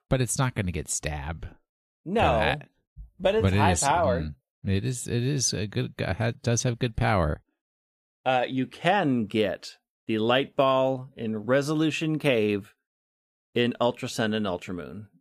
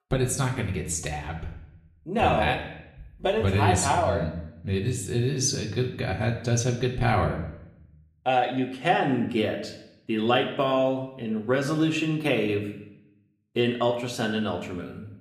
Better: first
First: none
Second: room echo; slight; dies away in 0.7 s // off-mic speech; somewhat distant

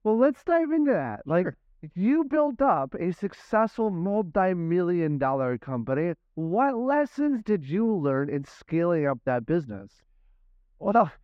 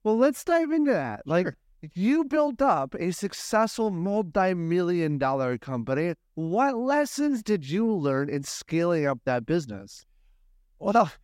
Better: second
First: muffled; very; fading above 4 kHz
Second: none

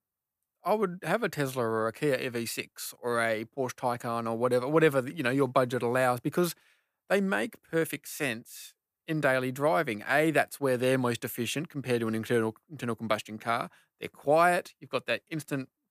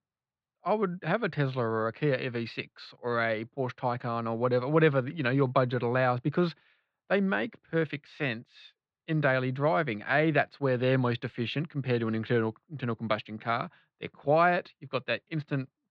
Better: first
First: none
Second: muffled; very slightly; fading above 4 kHz

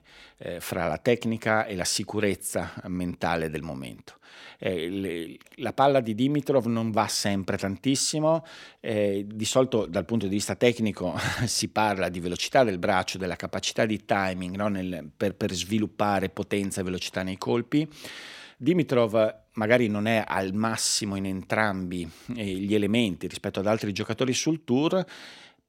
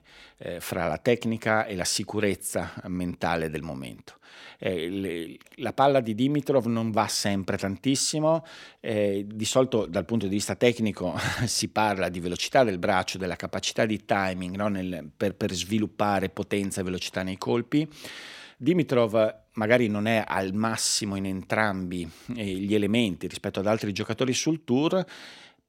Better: neither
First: none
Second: none

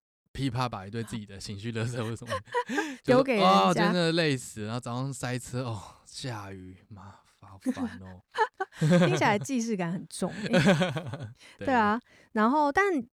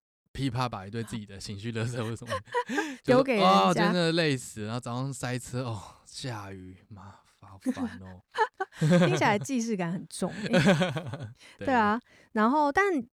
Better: neither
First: none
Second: none

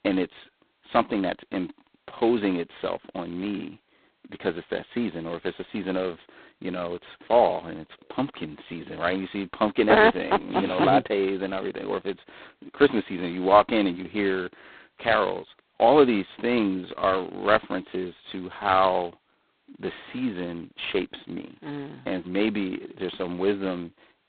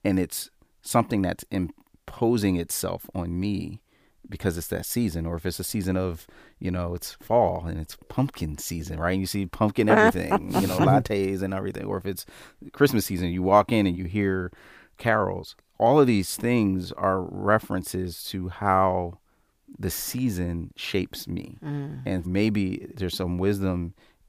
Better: second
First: phone-call audio; poor line; nothing above 4 kHz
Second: none

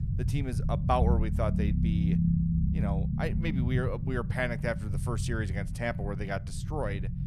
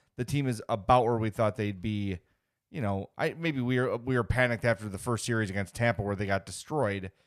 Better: second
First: low rumble; loud; throughout; 7 dB below the speech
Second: none

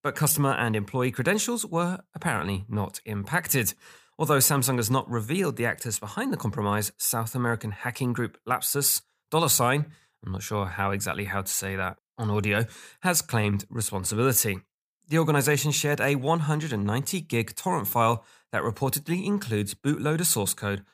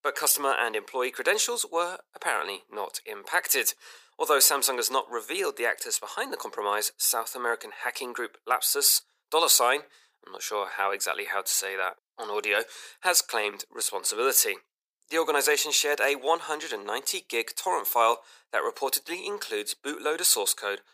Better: first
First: none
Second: thin; very; fading below 400 Hz

